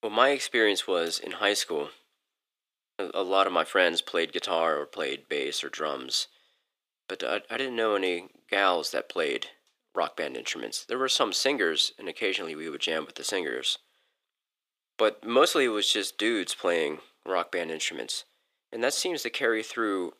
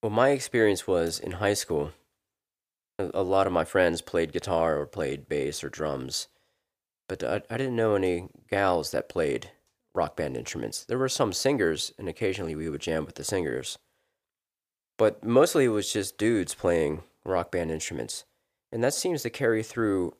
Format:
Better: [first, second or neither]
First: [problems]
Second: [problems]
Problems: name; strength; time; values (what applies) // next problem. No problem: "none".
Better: second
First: thin; very slightly; fading below 250 Hz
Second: none